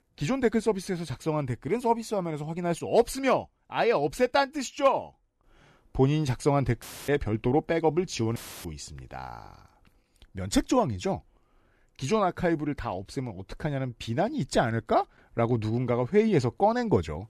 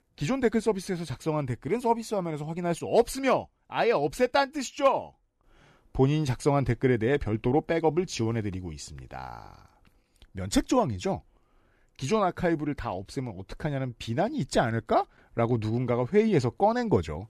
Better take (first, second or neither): second